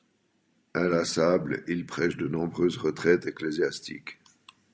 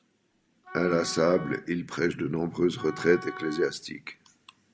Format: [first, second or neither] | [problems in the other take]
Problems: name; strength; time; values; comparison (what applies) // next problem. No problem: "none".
first | background sound (Wind instrument, woodwind instrument); 16 dB below the speech